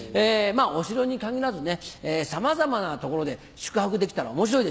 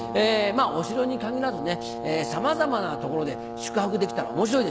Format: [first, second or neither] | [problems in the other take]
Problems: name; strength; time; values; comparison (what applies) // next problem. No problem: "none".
first | background sound (Brass instrument); 7 dB below the speech